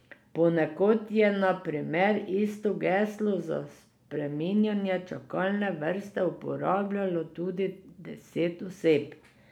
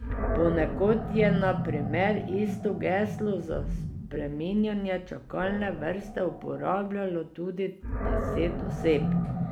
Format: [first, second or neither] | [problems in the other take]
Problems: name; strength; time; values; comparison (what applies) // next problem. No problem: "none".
first | background sound (Animal); 3 dB below the speech